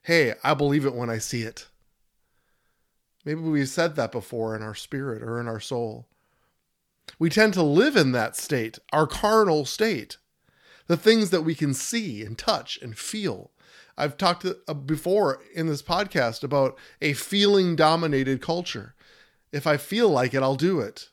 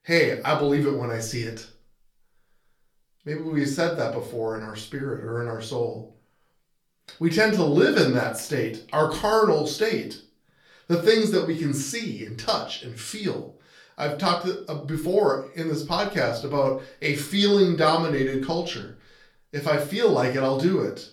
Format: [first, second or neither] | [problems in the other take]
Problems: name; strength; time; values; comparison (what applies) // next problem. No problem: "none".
first | off-mic speech; far // room echo; very slight; dies away in 0.3 s